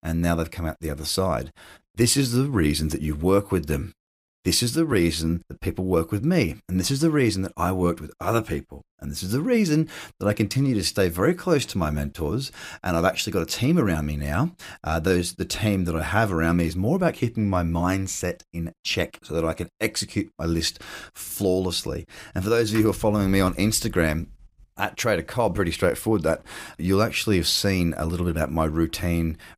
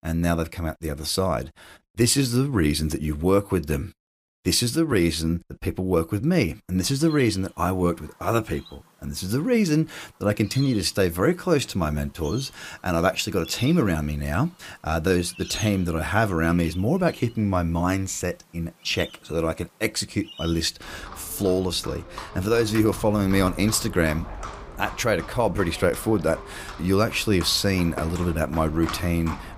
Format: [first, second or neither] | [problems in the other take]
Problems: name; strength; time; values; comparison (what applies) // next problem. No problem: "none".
first | animal sounds; noticeable; from 7.5 s on; 15 dB below the speech